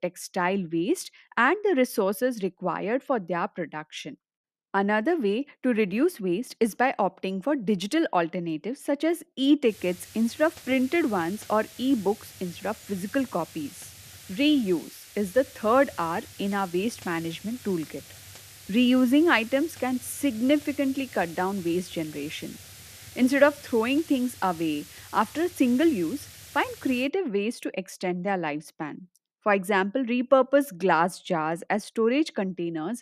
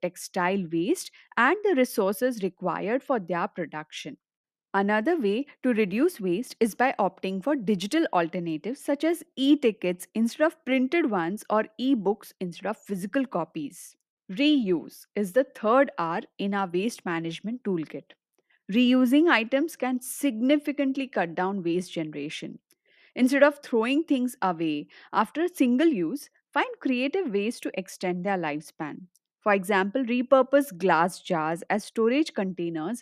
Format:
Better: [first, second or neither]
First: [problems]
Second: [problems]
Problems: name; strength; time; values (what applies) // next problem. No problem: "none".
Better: second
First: hiss; noticeable; from 9.5 to 27 s; 20 dB below the speech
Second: none